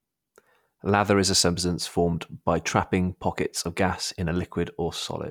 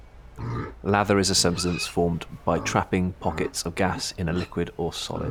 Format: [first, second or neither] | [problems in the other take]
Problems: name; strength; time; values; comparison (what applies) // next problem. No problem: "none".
first | background sound (Livestock, farm animals, working animals); 12 dB below the speech